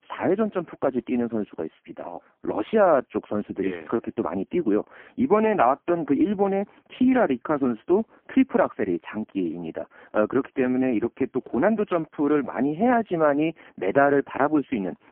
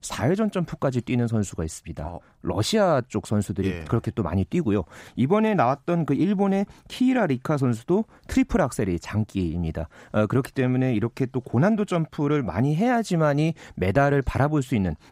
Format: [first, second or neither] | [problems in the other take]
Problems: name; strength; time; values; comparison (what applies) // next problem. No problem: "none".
second | phone-call audio; poor line